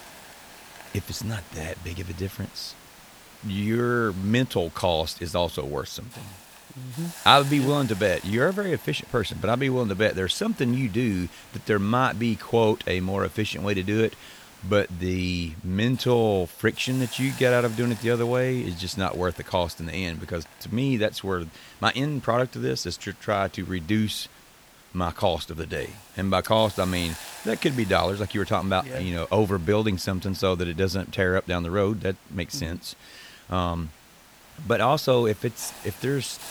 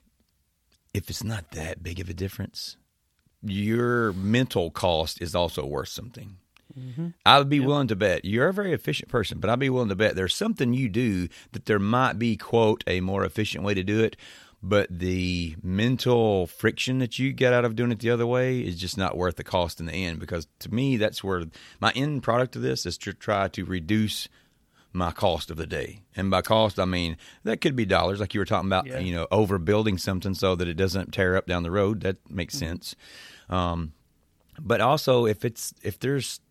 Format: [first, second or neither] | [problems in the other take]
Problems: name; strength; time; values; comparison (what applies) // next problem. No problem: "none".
second | hiss; noticeable; throughout; 20 dB below the speech